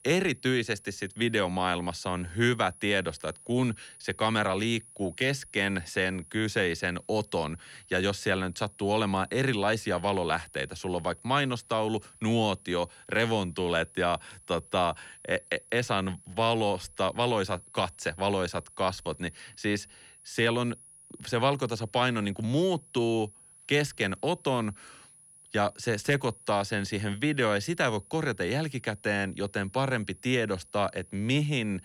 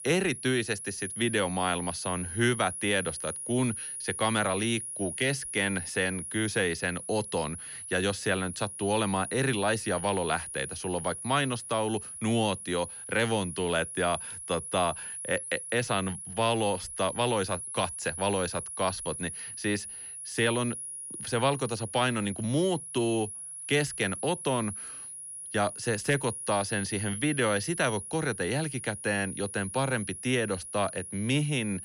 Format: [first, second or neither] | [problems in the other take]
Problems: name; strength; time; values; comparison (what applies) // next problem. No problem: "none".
first | high-pitched whine; loud; throughout; 10.5 kHz, 7 dB below the speech; faint in the first